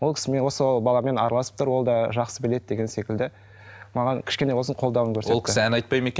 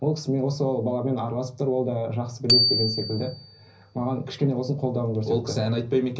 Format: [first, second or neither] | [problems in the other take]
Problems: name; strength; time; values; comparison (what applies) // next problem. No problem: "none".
first | background sound (Bicycle bell); 3 dB below the speech // room echo; dies away in 0.5 s